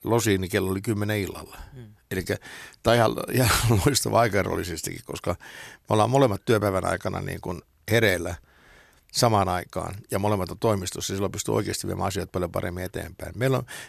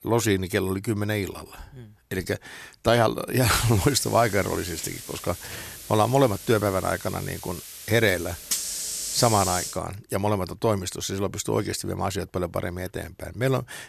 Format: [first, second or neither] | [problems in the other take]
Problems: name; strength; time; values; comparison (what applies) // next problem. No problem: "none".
first | hiss; loud; from 3.5 to 9.5 s; 7 dB below the speech